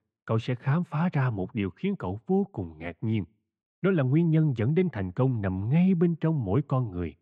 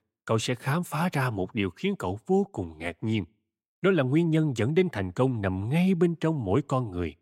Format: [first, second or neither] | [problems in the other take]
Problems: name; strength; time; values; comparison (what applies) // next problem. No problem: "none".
second | muffled; slightly; fading above 2.5 kHz